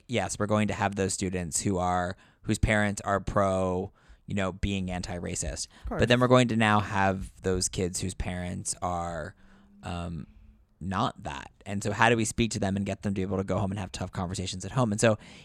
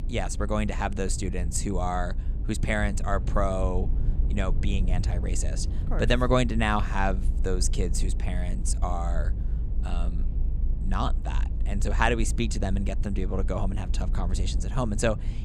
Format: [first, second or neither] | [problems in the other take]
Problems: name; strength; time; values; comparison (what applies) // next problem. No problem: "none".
first | low rumble; noticeable; throughout; 15 dB below the speech